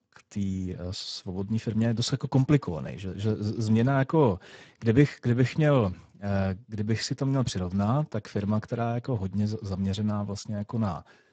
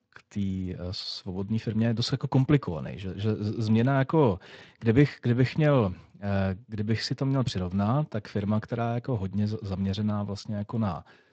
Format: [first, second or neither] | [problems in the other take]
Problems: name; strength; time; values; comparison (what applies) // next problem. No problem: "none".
second | garbled, watery; badly; nothing above 7.5 kHz; slightly in the second